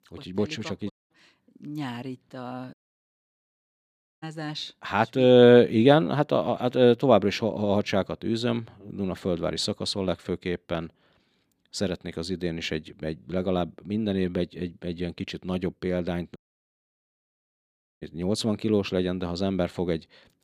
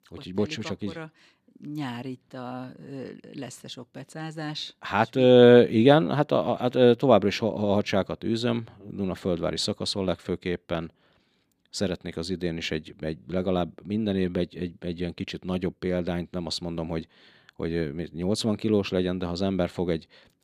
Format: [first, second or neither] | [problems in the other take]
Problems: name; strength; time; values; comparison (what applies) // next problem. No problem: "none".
second | audio cutting out; at 1 s, at 2.5 s for 1.5 s and at 16 s for 1.5 s